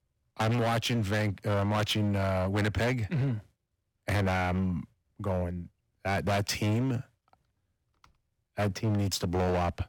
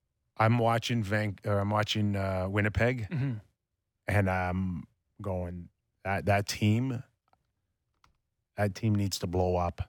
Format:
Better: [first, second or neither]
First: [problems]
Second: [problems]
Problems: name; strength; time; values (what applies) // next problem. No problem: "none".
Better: second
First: distortion; heavy; 17% of the sound clipped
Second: none